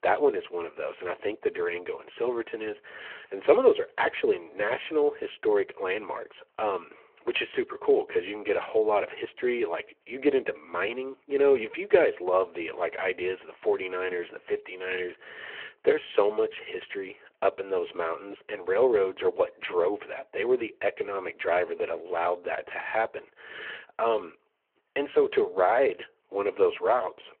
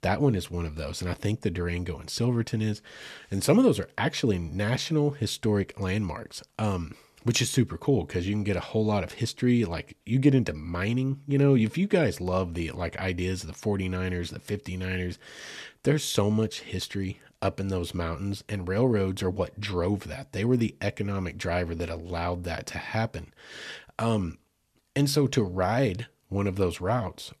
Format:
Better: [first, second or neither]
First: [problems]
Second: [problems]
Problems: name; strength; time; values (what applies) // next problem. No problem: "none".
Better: second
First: phone-call audio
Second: none